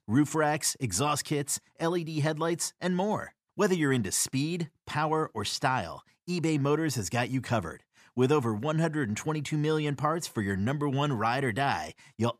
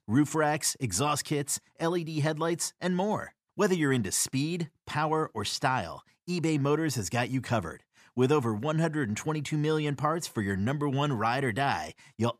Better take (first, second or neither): neither